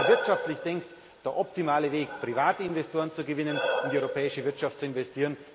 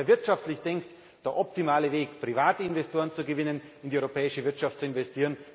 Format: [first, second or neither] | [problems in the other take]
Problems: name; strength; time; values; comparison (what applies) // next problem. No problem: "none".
second | background sound (Breathing); 6 dB below the speech